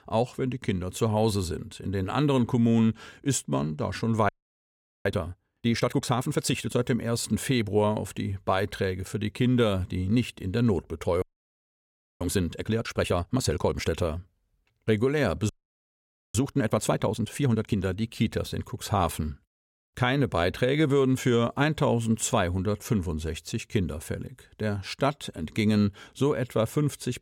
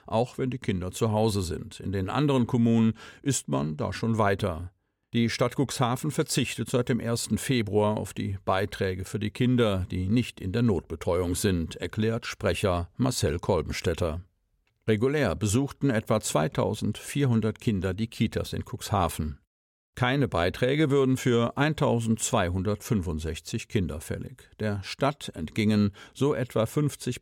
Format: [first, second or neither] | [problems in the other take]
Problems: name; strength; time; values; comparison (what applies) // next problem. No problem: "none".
second | audio freezing; at 4.5 s for 1 s, at 11 s for 1 s and at 15 s for 1 s